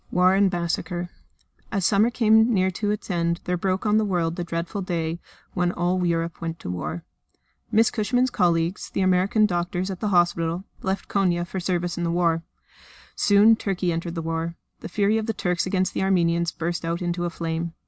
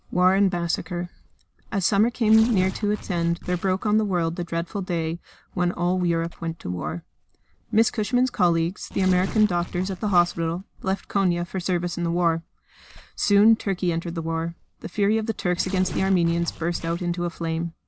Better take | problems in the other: first | background sound (Tearing); 18 dB below the speech

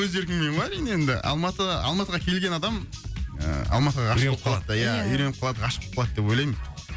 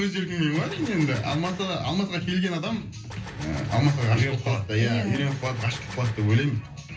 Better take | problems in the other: first | background sound (Gunshot, gunfire); 17 dB below the speech // room echo; dies away in 0.3 s

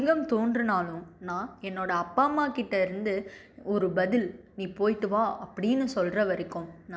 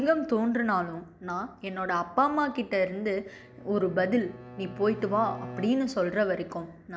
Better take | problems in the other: first | background sound (Bowed string instrument); 15 dB below the speech

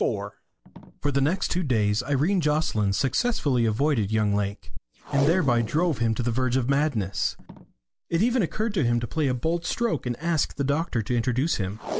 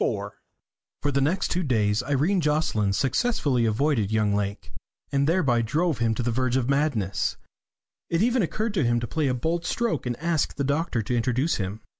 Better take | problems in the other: second | background sound (Packing tape, duct tape); 17 dB below the speech

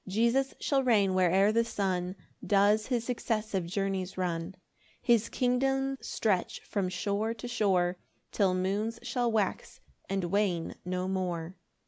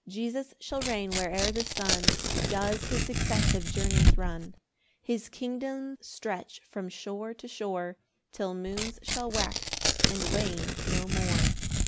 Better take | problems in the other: first | background sound (Tearing); 5 dB above the speech

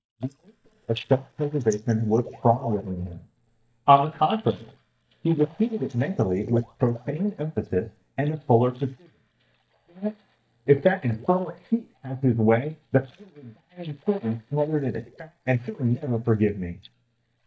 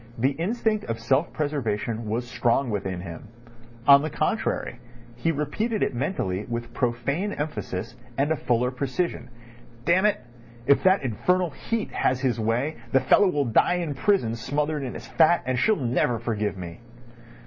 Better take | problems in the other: second | noise reduction (neural mask model DeepFilterNet 3)

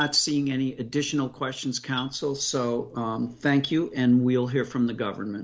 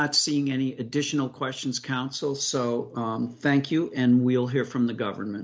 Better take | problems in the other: second | background sound (Marimba, xylophone); 20 dB below the speech

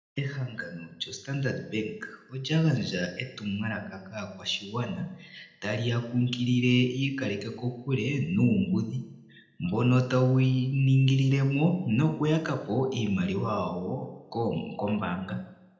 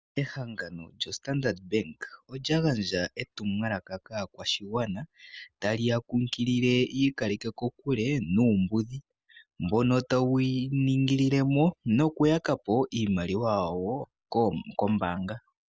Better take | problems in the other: second | room echo; dies away in 0.8 s

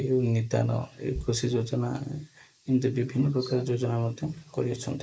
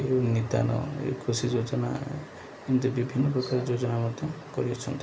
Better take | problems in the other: second | noise reduction (neural mask model Resemble Enhance denoiser)

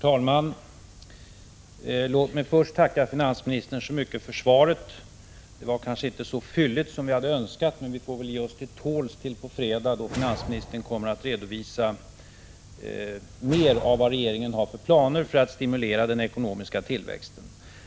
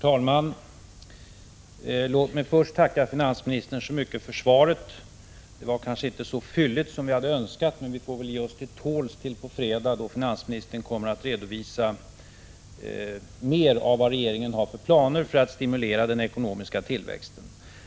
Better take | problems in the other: second | background sound (Whoosh, swoosh, swish); 13 dB below the speech

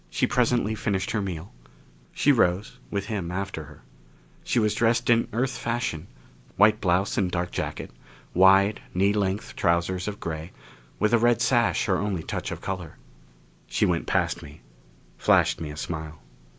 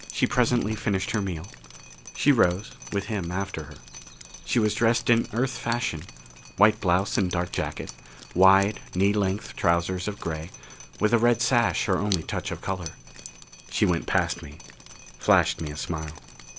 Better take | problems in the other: first | background sound (Drip); 17 dB below the speech

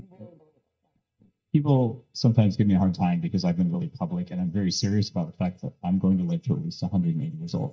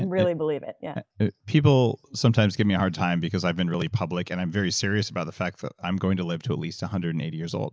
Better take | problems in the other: second | noise reduction (neural mask model DeepFilterNet 3)

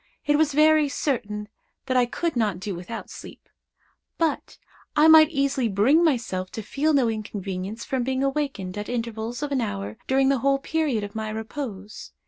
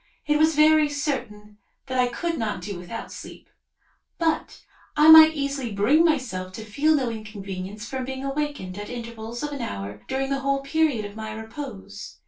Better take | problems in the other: first | room echo; dies away in 0.2 s

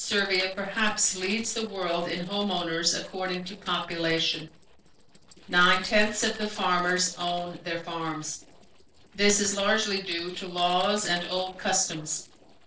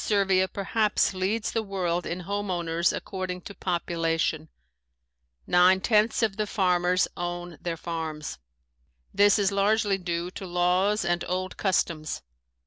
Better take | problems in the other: second | noise reduction (neural separator model SepFormer DNS4)

